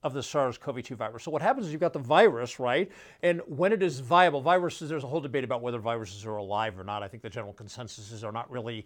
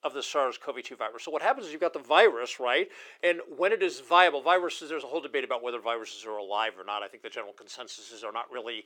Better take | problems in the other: first | thin; very; fading below 350 Hz

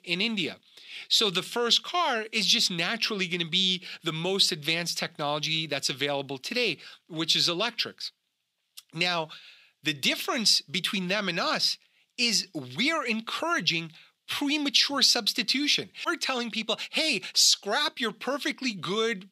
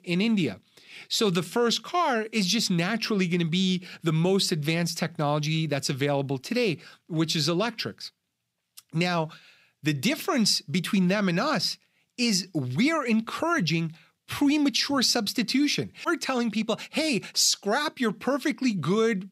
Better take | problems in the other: second | thin; very slightly; fading below 900 Hz

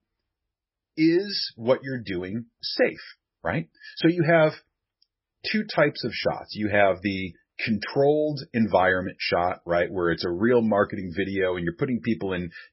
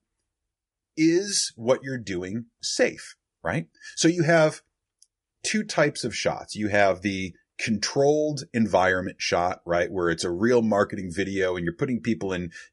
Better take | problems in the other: second | garbled, watery; badly; nothing above 5.5 kHz; slightly in the second

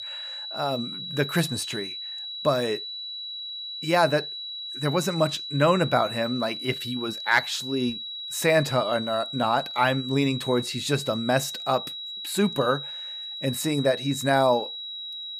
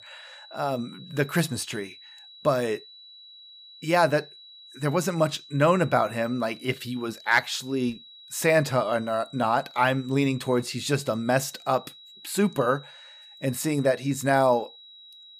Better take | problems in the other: second | high-pitched whine; loud; throughout; 4 kHz, 7 dB below the speech; faint in the second

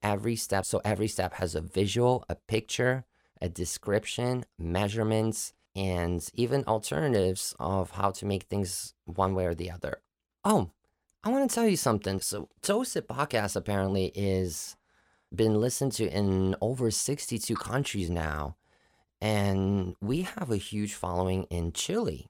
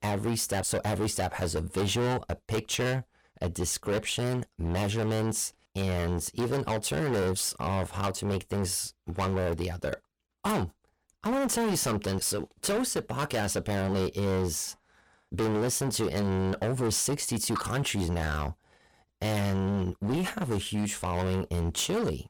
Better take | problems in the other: first | distortion; heavy; 19% of the sound clipped

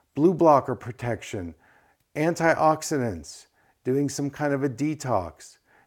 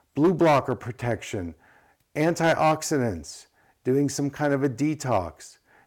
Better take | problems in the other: first | distortion; slight; 3% of the sound clipped

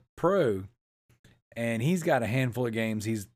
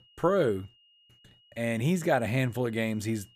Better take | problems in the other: first | high-pitched whine; faint; throughout; 3 kHz, 30 dB below the speech

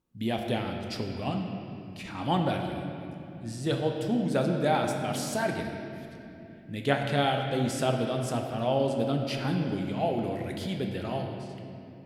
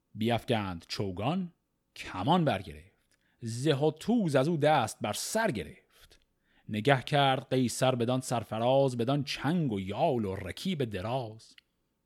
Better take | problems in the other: second | room echo; slight; dies away in 2.6 s

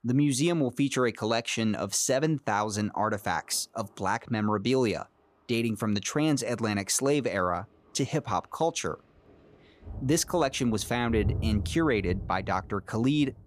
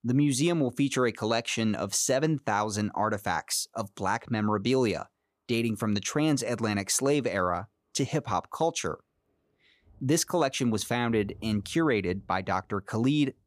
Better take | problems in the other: second | rain or running water; loud; throughout; 9 dB below the speech; faint in the second

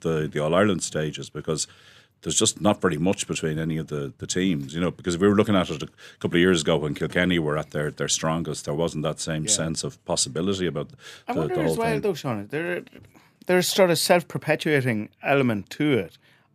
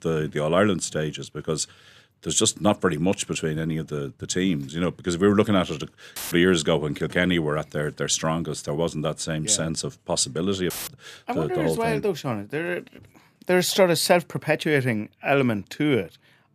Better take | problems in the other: first | audio cutting out; filled with static; at 6 s and at 11 s

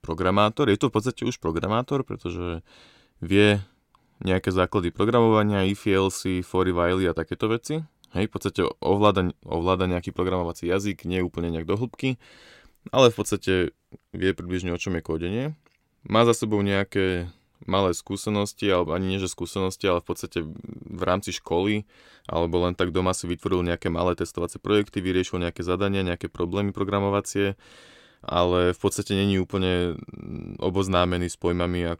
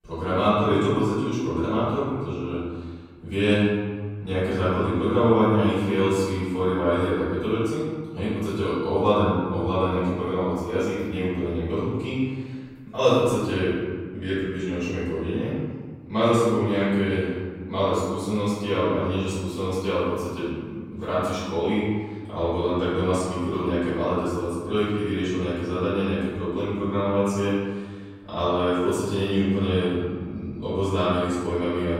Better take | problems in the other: first | off-mic speech; far // room echo; strong; dies away in 1.6 s

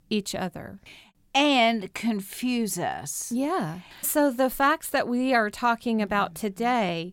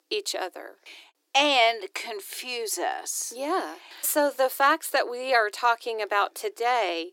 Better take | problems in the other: first | thin; very; fading below 300 Hz

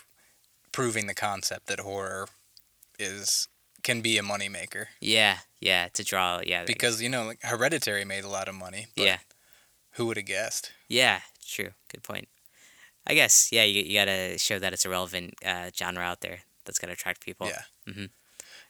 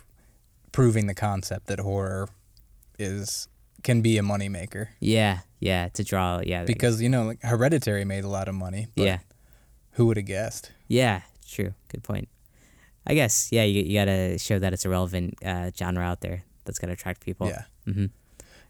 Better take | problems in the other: second | thin; somewhat; fading below 1 kHz

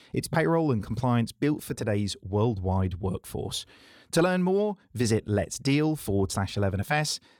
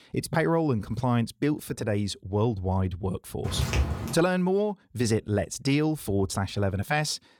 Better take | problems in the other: first | footsteps; loud; at 3.5 s; peak level with the speech

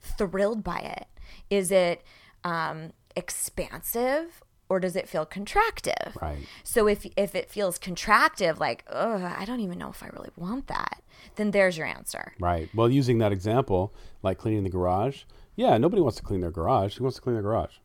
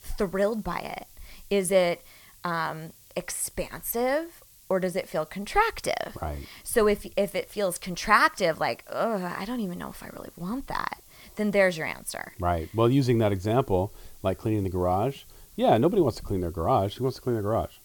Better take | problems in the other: first | hiss; faint; throughout; 25 dB below the speech

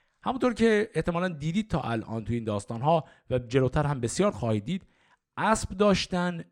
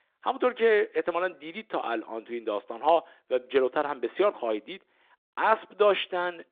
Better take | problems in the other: first | phone-call audio

